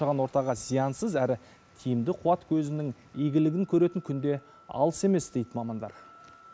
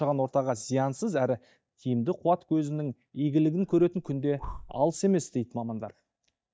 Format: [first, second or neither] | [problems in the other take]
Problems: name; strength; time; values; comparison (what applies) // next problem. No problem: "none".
first | noise reduction (neural mask model DeepFilterNet 3)